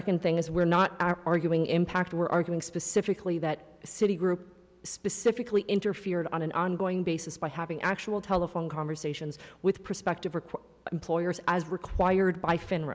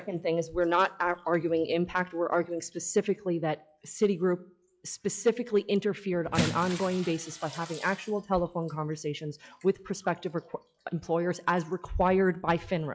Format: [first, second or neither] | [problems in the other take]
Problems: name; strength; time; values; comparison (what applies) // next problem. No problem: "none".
first | noise reduction (classical method log-MMSE)